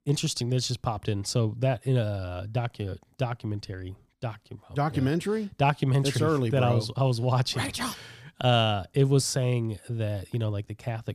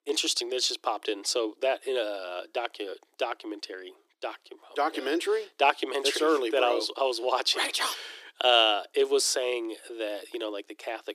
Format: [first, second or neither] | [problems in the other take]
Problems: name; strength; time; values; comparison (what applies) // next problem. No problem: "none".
first | thin; very; fading below 300 Hz